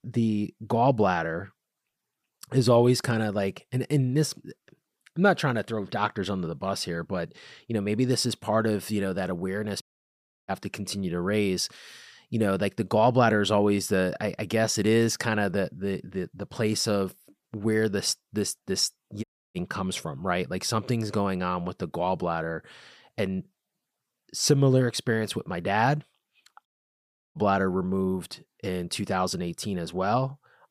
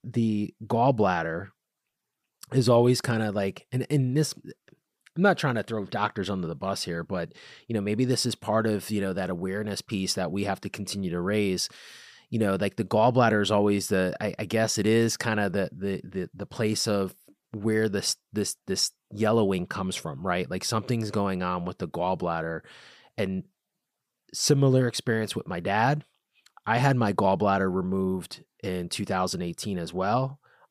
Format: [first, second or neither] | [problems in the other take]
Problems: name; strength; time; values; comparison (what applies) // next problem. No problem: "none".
second | audio cutting out; at 10 s for 0.5 s, at 19 s and at 27 s for 0.5 s